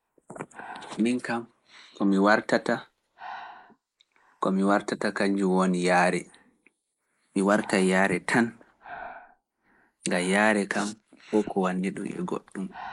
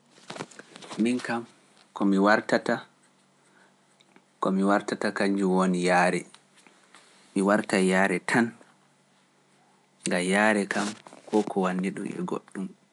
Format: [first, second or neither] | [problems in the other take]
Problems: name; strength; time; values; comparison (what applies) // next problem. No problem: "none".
second | noise reduction (neural mask model Resemble Enhance denoiser)